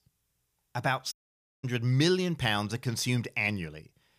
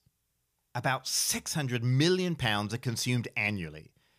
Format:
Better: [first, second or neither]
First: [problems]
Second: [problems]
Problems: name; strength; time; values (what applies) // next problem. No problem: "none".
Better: second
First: audio cutting out; at 1 s for 0.5 s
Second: none